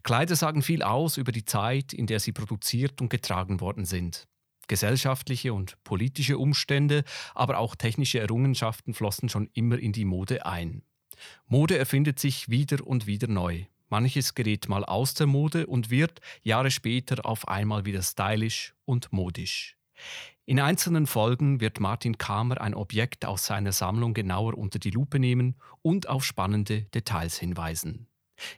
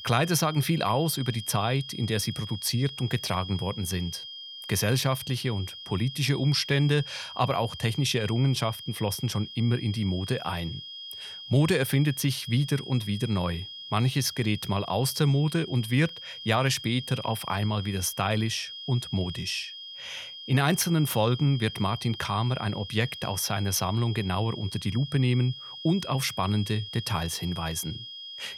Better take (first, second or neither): first